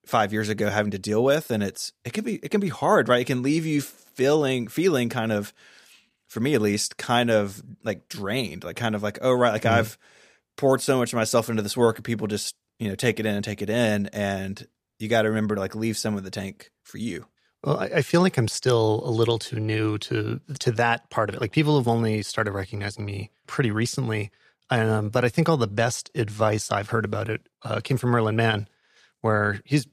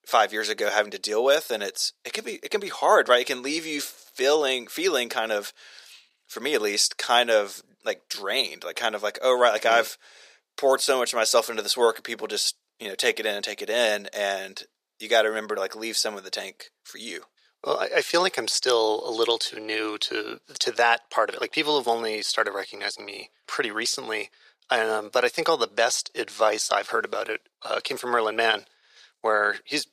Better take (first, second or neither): first